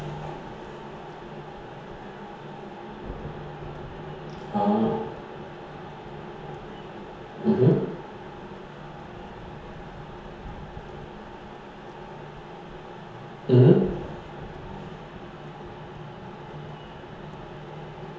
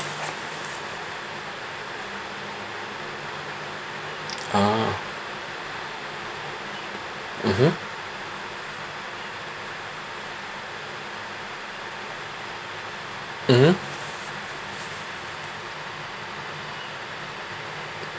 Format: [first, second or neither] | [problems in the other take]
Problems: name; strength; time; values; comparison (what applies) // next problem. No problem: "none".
second | background sound (Thunder); 17 dB below the speech // room echo; dies away in 1 s